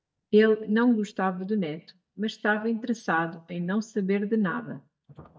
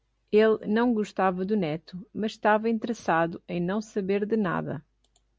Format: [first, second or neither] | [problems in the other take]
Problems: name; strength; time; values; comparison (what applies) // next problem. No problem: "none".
second | noise reduction (neural mask model DeepFilterNet 3)